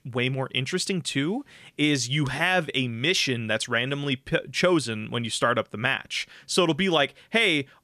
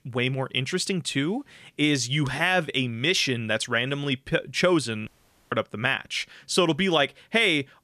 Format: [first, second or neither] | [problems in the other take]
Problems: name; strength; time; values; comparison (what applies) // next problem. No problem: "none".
first | audio cutting out; at 5 s